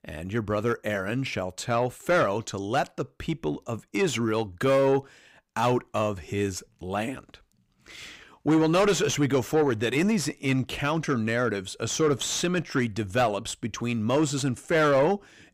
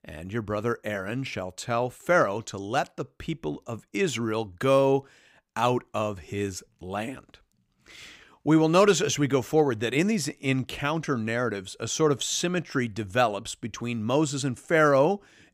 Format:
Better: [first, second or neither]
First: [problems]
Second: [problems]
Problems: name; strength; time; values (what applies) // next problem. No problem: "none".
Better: second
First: distortion; slight; 10 dB below the speech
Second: none